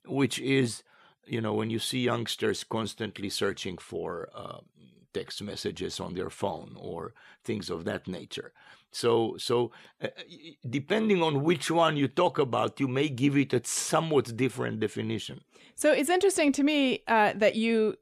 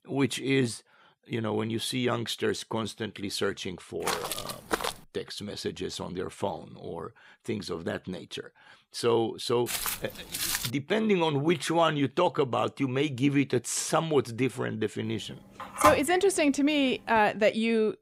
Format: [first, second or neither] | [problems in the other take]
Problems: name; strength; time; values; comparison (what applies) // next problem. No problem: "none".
first | footsteps; noticeable; at 4 s and from 9.5 to 11 s; peak level with the speech // phone ringing; loud; at 16 s; peak 3 dB above the speech